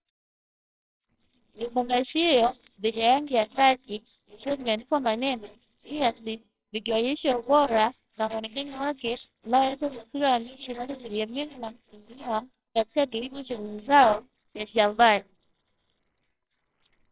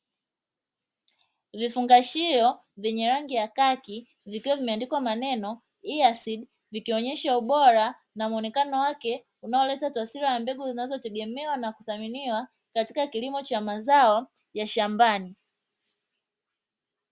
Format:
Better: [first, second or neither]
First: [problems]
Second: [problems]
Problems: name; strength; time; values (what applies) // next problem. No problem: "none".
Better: second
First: noise reduction (neural separator model SepFormer WHAMR!)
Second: none